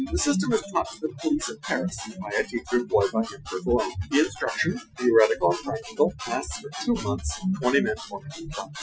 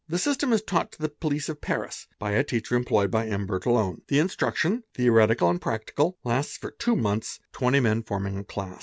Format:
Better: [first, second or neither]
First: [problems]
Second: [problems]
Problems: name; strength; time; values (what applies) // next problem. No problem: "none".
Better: second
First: noise reduction (classical method Wiener filter)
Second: none